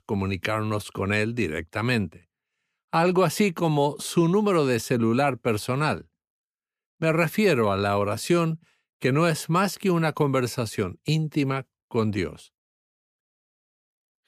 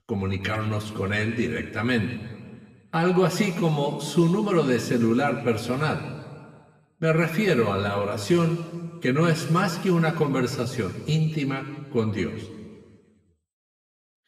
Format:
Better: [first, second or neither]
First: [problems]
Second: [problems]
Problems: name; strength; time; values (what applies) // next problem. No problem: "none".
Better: first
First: none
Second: room echo; slight; dies away in 1.6 s // off-mic speech; somewhat distant